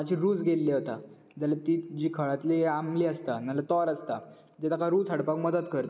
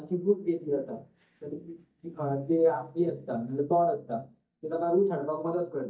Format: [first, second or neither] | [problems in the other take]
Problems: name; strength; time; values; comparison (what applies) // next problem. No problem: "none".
first | noise reduction (neural mask model DeepFilterNet 3)